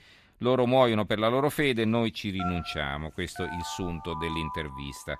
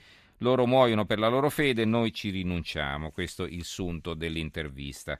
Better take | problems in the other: second | alarms or sirens; noticeable; from 2 s on; 10 dB below the speech

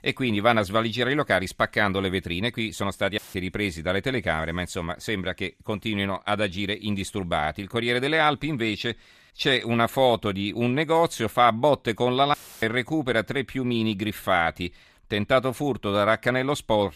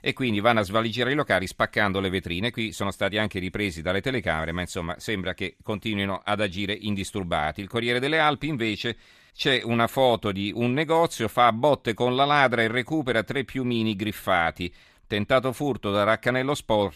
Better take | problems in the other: second | audio cutting out; filled with static; at 3 s and at 12 s

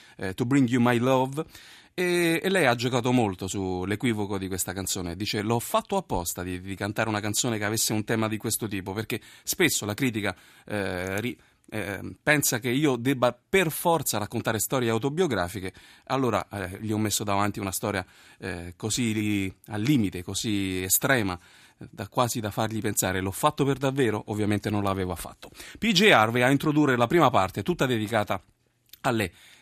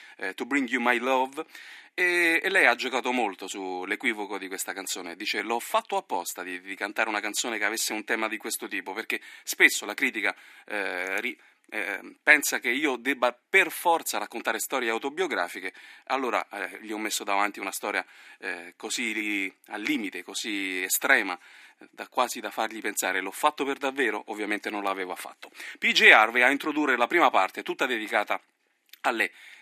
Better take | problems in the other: first | thin; somewhat; fading below 250 Hz

